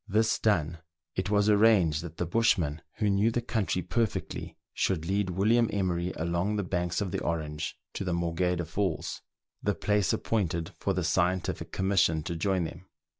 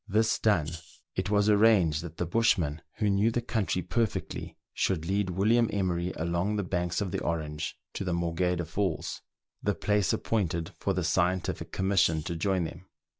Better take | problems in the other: first | background sound (Rattle (instrument)); 16 dB below the speech

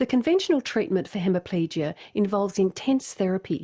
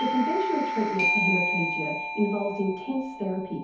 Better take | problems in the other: first | background sound (Doorbell); as loud as the speech // room echo; dies away in 0.6 s

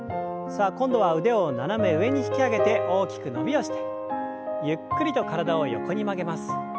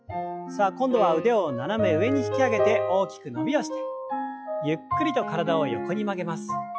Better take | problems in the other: first | noise reduction (classical method log-MMSE)

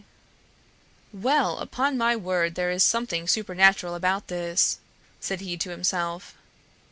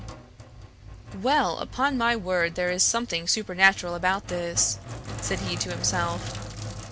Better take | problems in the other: first | background sound (Sink (filling or washing)); 11 dB below the speech

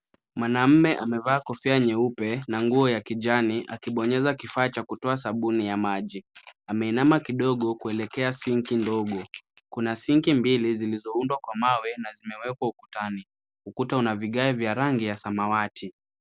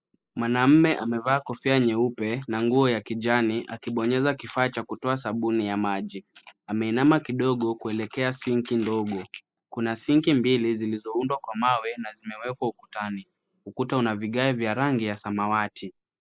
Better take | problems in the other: first | noise reduction (neural mask model Resemble Enhance denoiser)

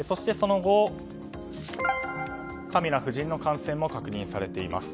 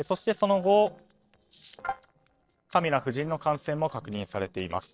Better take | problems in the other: first | noise reduction (neural separator model SepFormer DNS4)

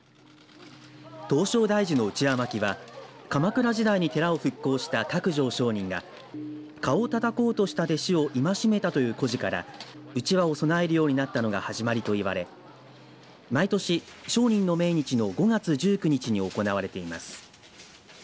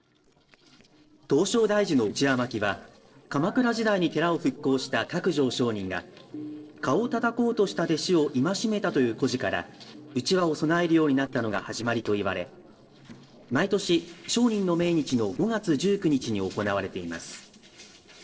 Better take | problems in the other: first | noise reduction (neural separator model SepFormer DNS4)

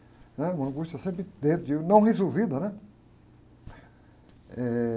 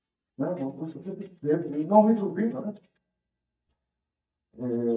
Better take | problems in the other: first | noise reduction (neural mask model DeepFilterNet 3)

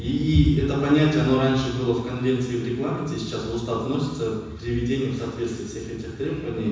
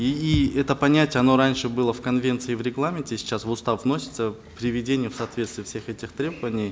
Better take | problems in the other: second | room echo; dies away in 1.1 s

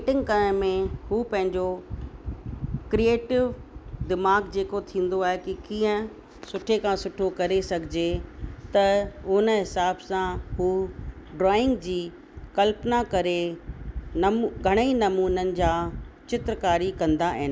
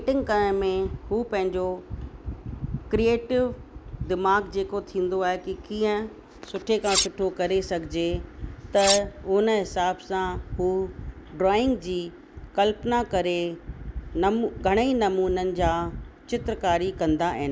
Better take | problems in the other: first | background sound (Cutlery, silverware); 2 dB below the speech

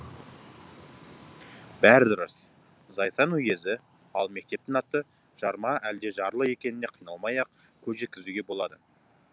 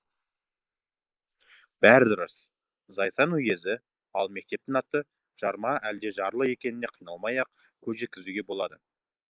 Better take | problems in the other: first | noise reduction (neural mask model Resemble Enhance denoiser)

